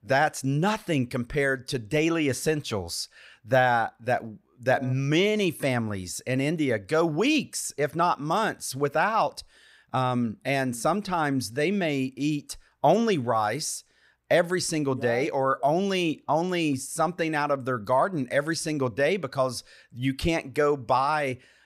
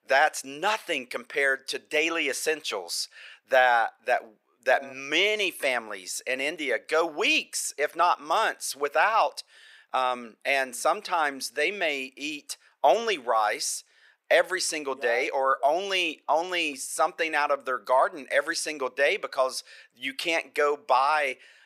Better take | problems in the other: first | thin; very; fading below 450 Hz

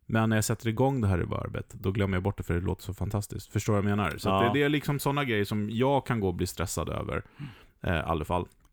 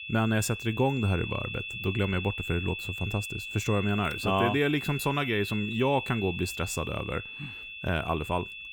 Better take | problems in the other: first | high-pitched whine; loud; throughout; 2.5 kHz, 6 dB below the speech

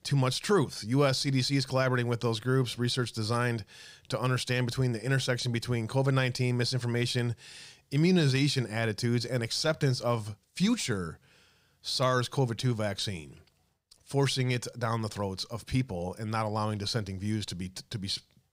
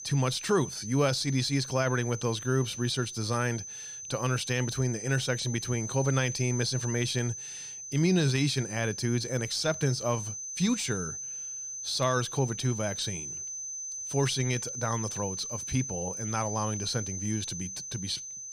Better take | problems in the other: first | high-pitched whine; loud; throughout; 6 kHz, 6 dB below the speech

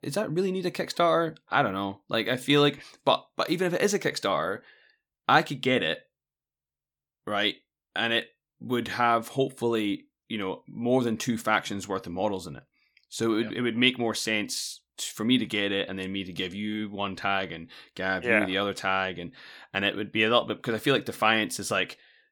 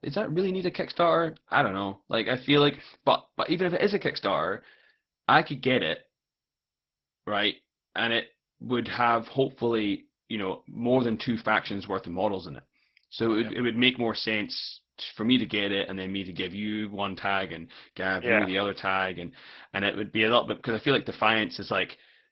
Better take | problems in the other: first | garbled, watery; badly; nothing above 5.5 kHz

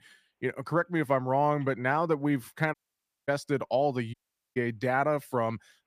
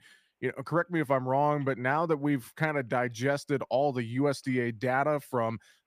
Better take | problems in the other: second | audio cutting out; at 2.5 s for 0.5 s and at 4 s

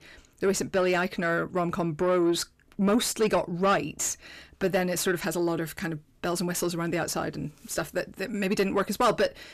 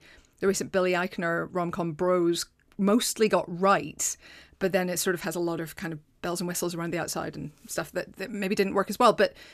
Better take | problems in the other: second | distortion; slight; 10 dB below the speech

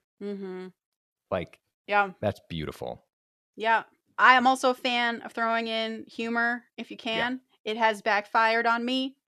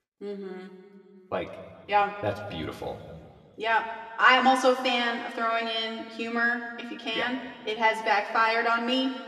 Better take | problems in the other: first | room echo; slight; dies away in 1.9 s

